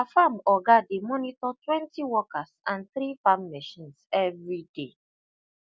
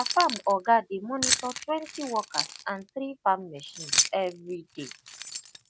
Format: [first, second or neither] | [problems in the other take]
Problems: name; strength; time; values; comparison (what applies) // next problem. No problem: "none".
first | background sound (Keys jangling); 3 dB below the speech